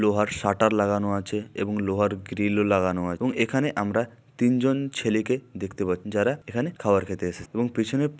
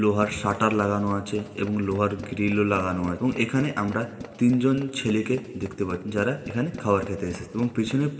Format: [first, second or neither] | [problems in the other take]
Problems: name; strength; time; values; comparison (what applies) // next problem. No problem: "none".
first | background sound (Tools); 17 dB below the speech // room echo; dies away in 1.6 s